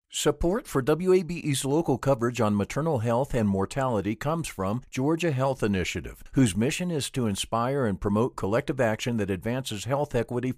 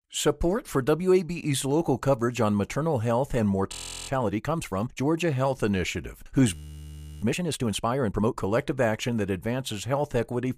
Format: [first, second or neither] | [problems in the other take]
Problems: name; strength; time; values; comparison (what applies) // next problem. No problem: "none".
first | audio freezing; at 3.5 s and at 6.5 s for 0.5 s